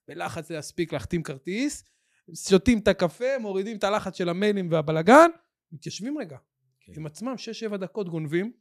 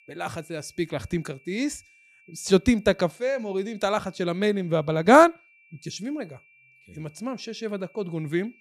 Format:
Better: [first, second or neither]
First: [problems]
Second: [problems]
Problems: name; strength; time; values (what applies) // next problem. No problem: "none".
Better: first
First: none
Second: high-pitched whine; faint; throughout; 2.5 kHz, 30 dB below the speech